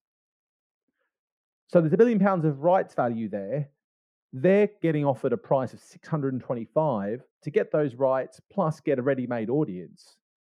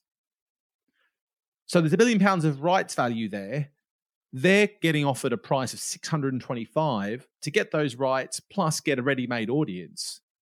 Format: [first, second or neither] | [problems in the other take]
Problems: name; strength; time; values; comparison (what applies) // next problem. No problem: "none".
second | muffled; very; fading above 2.5 kHz